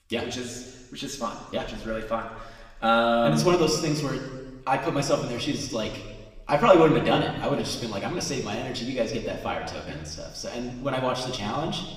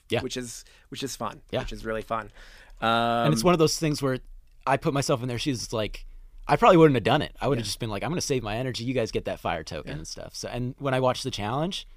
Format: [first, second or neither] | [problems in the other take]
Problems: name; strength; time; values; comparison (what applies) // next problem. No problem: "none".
second | room echo; noticeable; dies away in 1.2 s // off-mic speech; somewhat distant